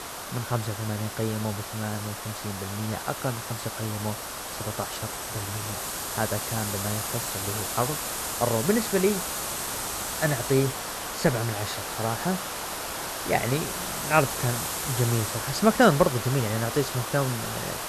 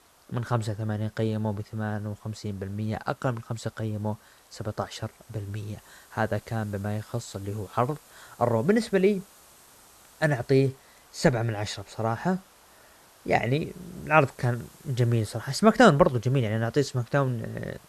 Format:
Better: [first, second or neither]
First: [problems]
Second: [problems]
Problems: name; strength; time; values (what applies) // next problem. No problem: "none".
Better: second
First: hiss; loud; throughout; 3 dB below the speech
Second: hiss; faint; throughout; 25 dB below the speech